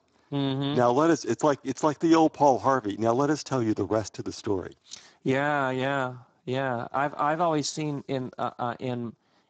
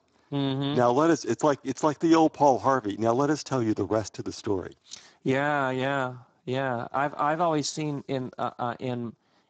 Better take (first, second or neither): neither